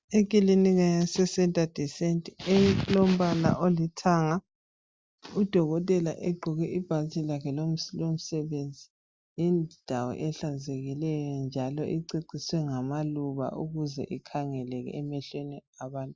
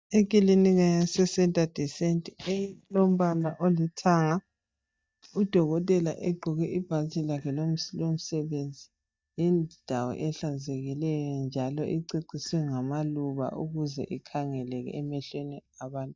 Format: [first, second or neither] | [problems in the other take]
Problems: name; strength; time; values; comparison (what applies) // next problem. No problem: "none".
first | noise reduction (neural mask model DeepFilterNet 3)